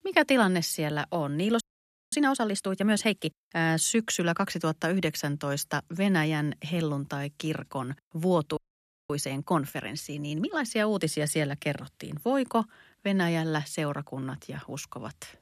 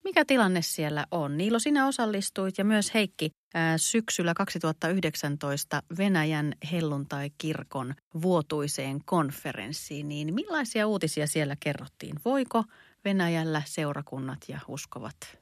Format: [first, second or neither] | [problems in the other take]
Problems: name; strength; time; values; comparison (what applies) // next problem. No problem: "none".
second | audio freezing; at 1.5 s for 0.5 s and at 8.5 s for 0.5 s